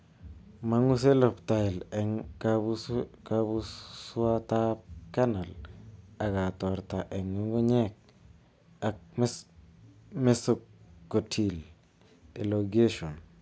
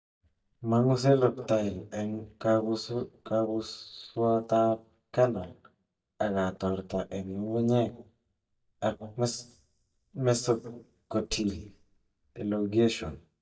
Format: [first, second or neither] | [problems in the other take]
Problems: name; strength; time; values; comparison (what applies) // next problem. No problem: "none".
first | noise reduction (neural mask model DeepFilterNet 3)